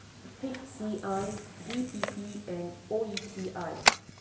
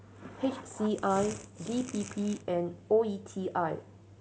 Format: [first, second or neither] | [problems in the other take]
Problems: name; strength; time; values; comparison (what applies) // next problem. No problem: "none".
second | background sound (Camera); 1 dB above the speech // room echo; dies away in 1.1 s